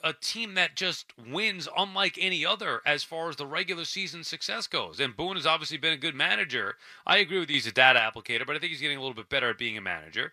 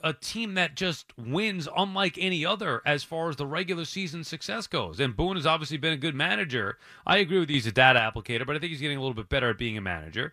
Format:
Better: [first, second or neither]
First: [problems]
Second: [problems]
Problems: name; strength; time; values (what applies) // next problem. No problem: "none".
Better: second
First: thin; somewhat; fading below 500 Hz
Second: none